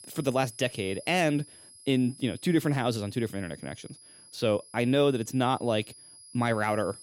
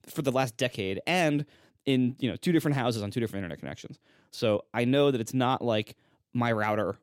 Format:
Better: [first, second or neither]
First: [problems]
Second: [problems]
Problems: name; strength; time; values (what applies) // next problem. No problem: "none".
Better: second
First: high-pitched whine; faint; throughout; 10.5 kHz, 20 dB below the speech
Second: none